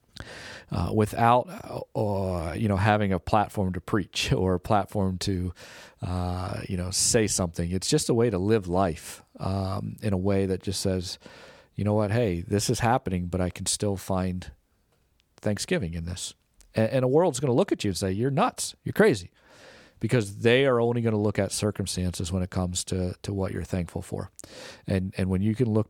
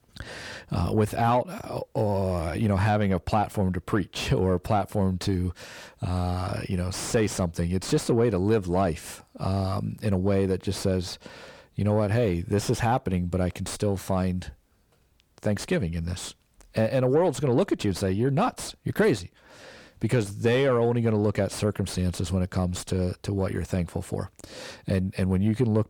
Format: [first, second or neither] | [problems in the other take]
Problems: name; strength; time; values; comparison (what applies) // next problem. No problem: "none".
first | distortion; slight; 10 dB below the speech